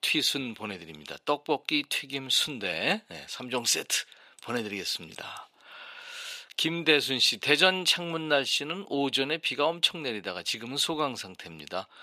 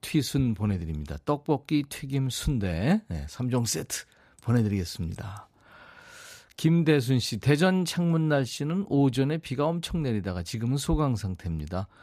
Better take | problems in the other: second | thin; somewhat; fading below 450 Hz

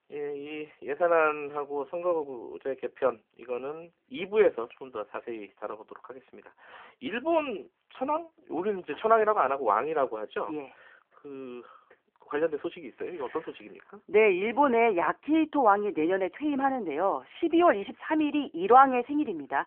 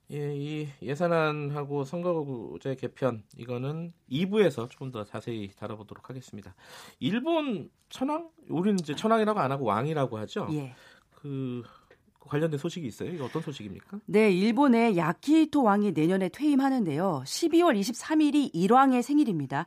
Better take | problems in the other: second | phone-call audio; nothing above 3 kHz

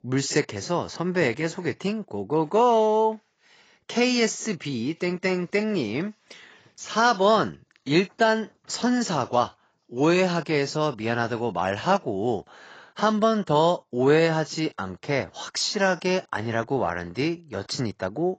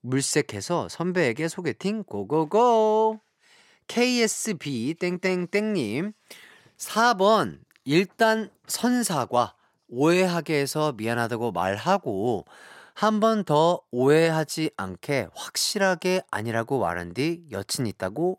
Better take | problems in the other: second | garbled, watery; badly; nothing above 7.5 kHz

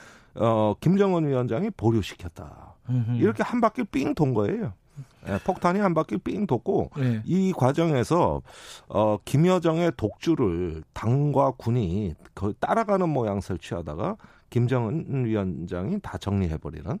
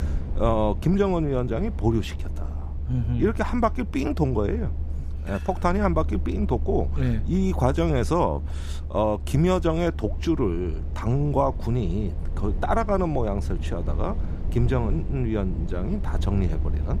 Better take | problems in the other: first | low rumble; noticeable; throughout; 20 dB below the speech

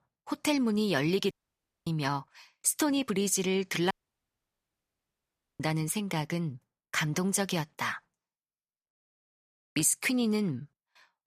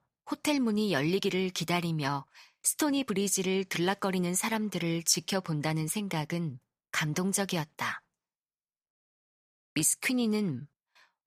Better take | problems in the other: second | audio cutting out; at 1.5 s for 0.5 s and at 4 s for 1.5 s

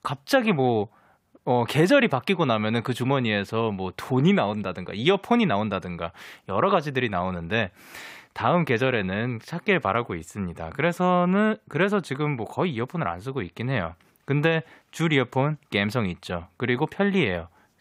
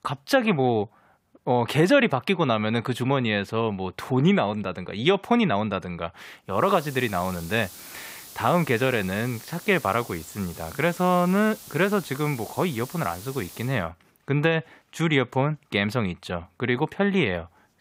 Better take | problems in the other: first | hiss; noticeable; from 6.5 to 14 s; 15 dB below the speech

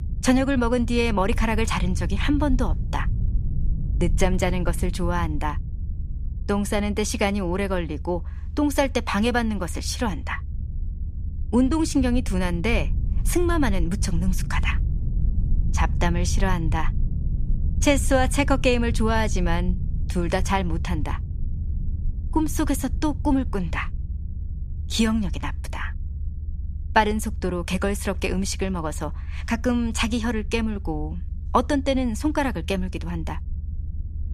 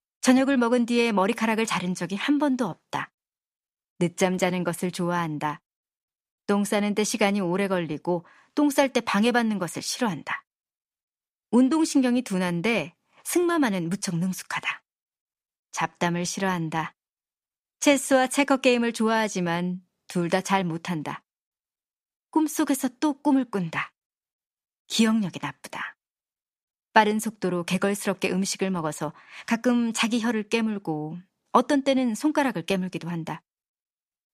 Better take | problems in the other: second | low rumble; noticeable; throughout; 20 dB below the speech

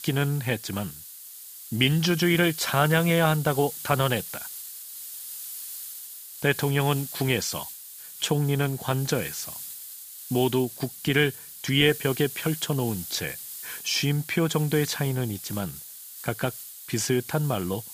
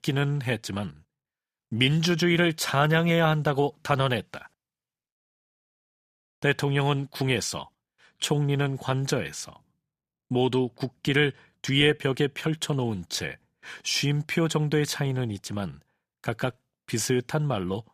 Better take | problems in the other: second | hiss; noticeable; throughout; 10 dB below the speech

